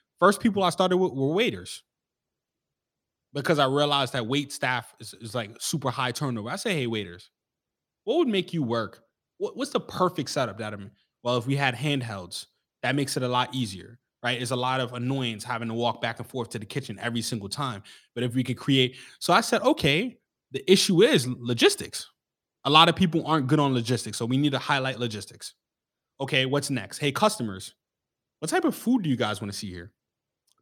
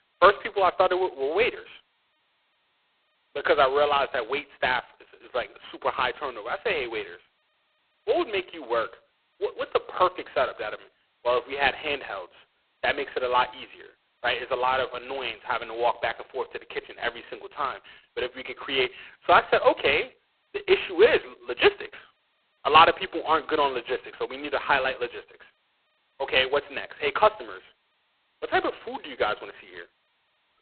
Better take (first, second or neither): first